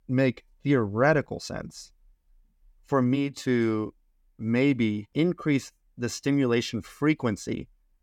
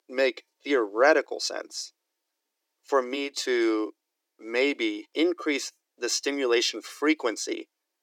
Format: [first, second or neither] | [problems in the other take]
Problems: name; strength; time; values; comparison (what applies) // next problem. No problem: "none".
first | thin; somewhat; fading below 300 Hz